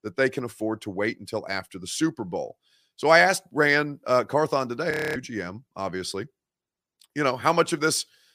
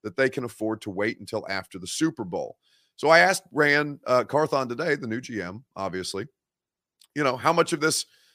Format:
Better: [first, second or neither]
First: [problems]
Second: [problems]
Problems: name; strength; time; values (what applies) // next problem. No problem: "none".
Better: second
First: audio freezing; at 5 s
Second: none